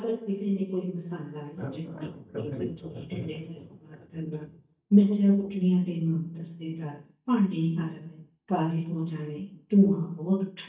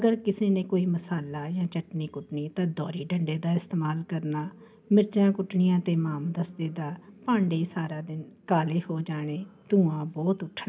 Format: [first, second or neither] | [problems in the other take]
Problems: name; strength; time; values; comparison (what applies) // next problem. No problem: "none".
second | noise reduction (neural mask model DeepFilterNet 3)